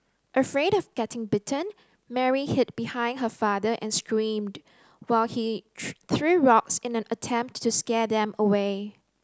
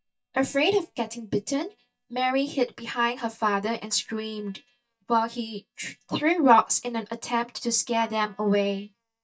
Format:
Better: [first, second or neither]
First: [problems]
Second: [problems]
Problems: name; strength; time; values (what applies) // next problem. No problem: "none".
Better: first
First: none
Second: noise reduction (neural mask model DeepFilterNet 3)